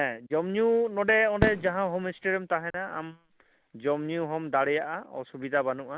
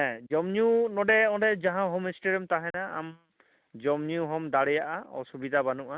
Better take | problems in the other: second | background sound (Fireworks); 8 dB below the speech

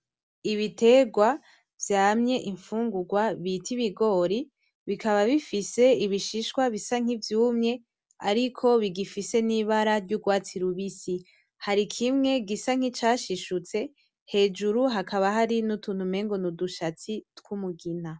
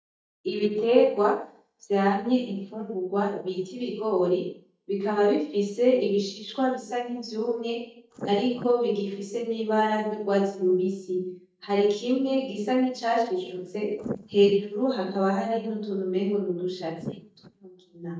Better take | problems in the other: first | noise reduction (neural mask model DeepFilterNet 3)

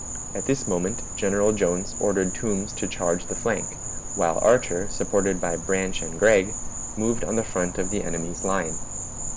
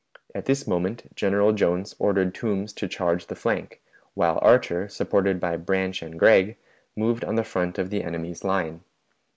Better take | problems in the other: second | background sound (Insect); 6 dB below the speech

